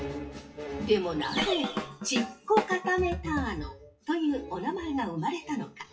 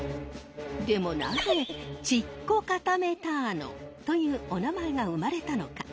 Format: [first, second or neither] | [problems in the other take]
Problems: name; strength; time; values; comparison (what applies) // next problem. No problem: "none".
second | noise reduction (classical method WPE with log-MMSE)